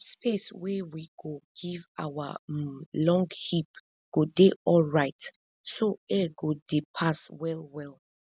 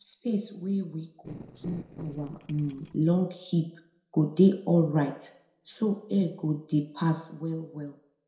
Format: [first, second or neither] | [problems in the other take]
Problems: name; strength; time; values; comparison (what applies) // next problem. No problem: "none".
first | noise reduction (neural separator model SepFormer DNS4)